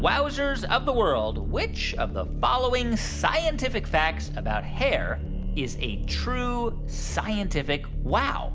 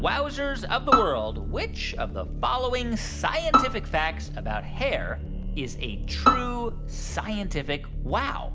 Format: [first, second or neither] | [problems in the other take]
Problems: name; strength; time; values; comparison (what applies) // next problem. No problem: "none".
first | background sound (Bowed string instrument); 1 dB above the speech